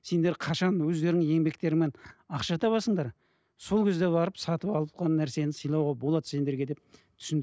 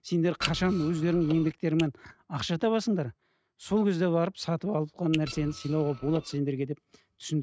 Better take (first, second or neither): first